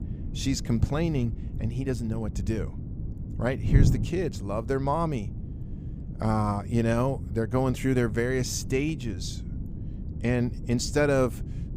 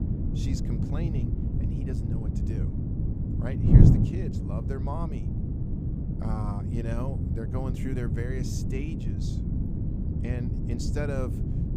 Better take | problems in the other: first | wind noise on the microphone; heavy; 2 dB above the speech; occasional gusts in the first

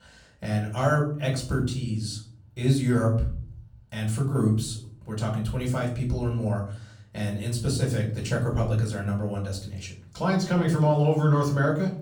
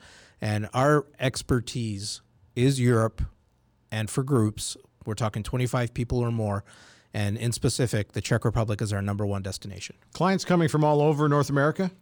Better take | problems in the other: second | off-mic speech; far // room echo; slight; dies away in 0.5 s

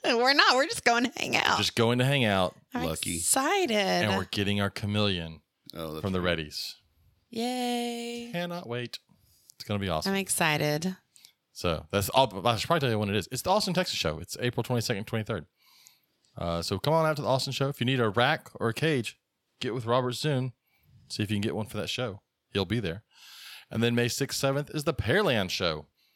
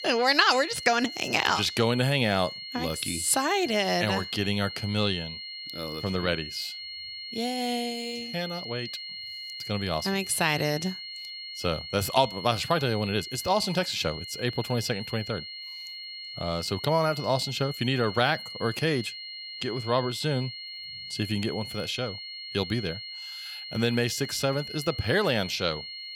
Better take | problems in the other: first | high-pitched whine; loud; throughout; 4 kHz, 9 dB below the speech

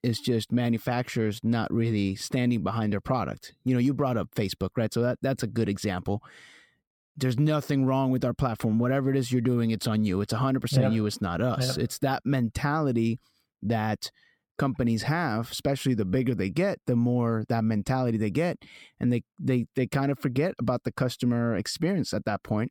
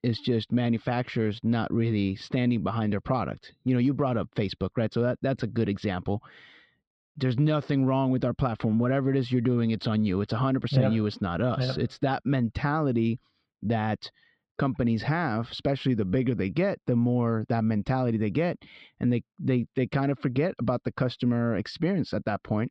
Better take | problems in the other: first | muffled; very slightly; fading above 4 kHz

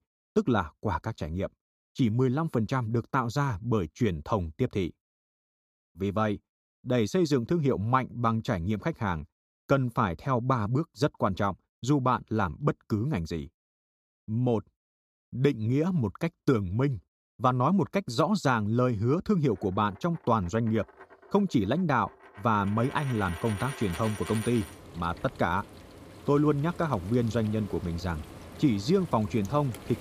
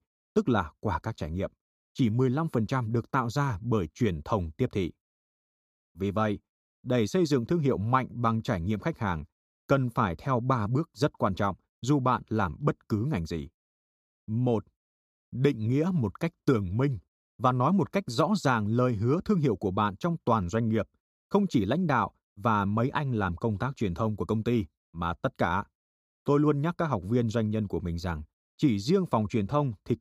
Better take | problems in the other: second | household noises; noticeable; from 20 s on; 15 dB below the speech

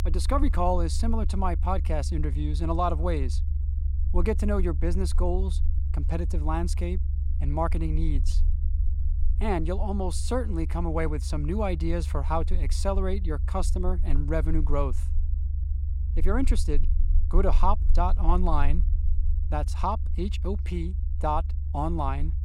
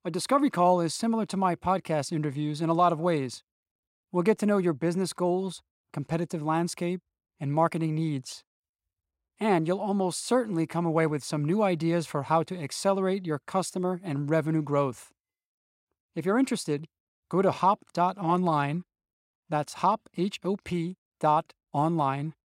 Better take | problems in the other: second | low rumble; noticeable; throughout; 15 dB below the speech

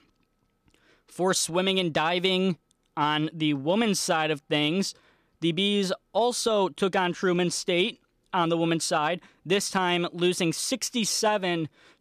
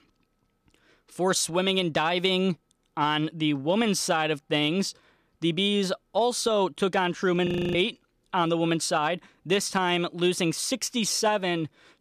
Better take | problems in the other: first | audio freezing; at 7.5 s

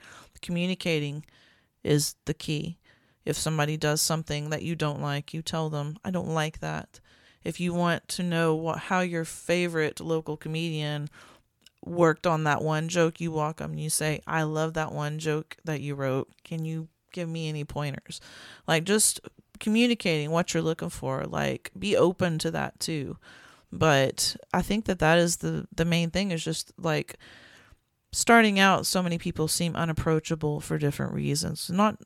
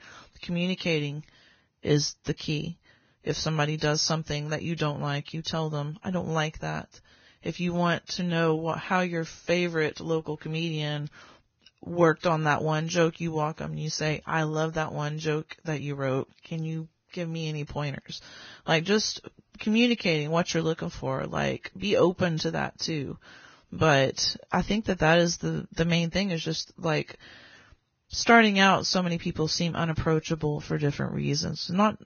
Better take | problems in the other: first | garbled, watery; badly; nothing above 6.5 kHz

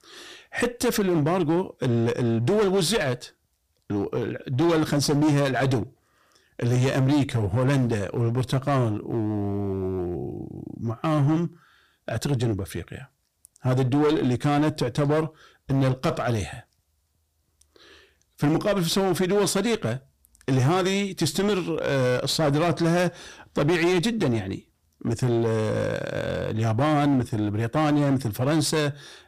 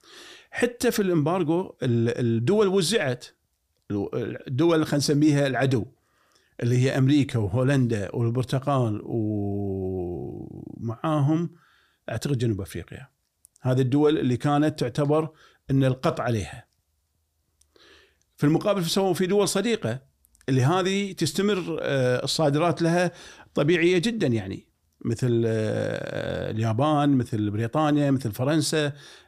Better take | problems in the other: second | distortion; slight; 13% of the sound clipped

